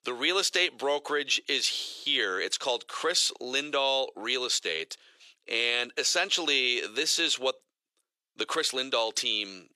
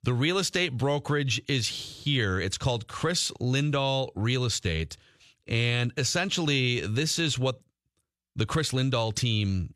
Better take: second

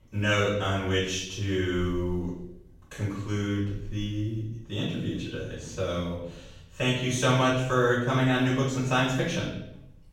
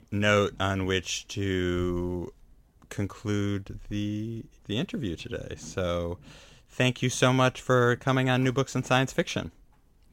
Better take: second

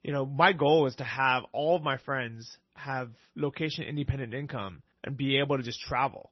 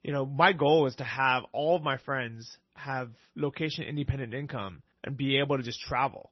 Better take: neither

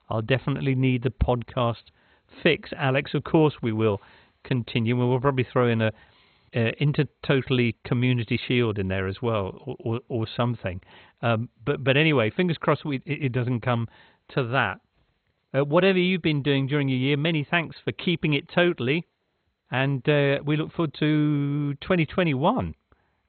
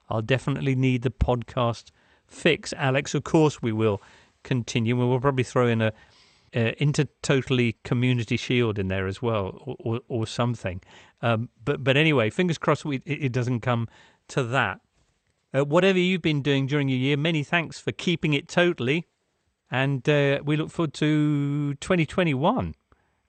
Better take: second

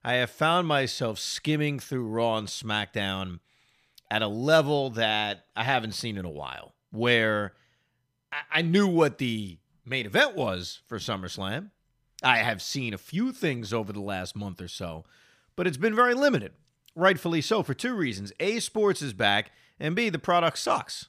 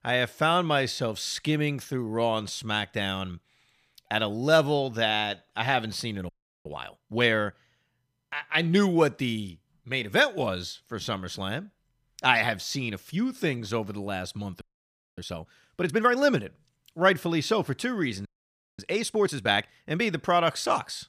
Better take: first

